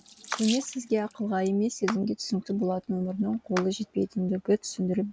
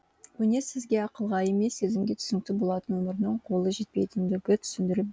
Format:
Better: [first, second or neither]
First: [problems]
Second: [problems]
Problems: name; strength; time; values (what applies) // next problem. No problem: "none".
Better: second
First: background sound (Clapping + Sink (filling or washing) / Water tap, faucet); 14 dB below the speech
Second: none